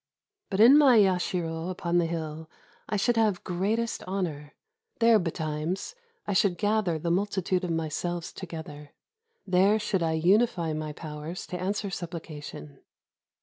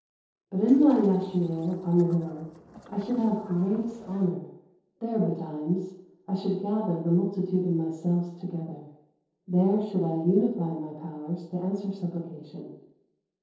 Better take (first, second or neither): first